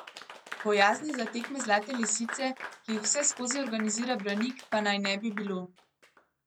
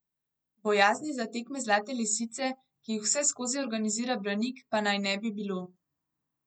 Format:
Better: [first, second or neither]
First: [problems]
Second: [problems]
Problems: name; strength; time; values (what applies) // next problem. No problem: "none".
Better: second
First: background sound (Applause / Clapping); 12 dB below the speech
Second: none